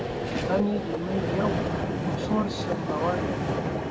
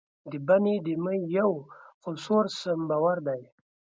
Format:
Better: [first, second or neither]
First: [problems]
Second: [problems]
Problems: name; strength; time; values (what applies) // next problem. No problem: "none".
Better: second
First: background sound (Vehicle); 2 dB above the speech // room echo; dies away in 1.4 s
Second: none